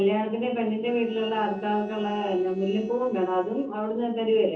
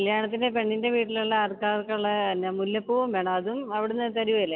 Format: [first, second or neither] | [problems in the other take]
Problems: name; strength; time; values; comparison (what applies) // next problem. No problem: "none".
second | noise reduction (neural separator model SepFormer DNS4)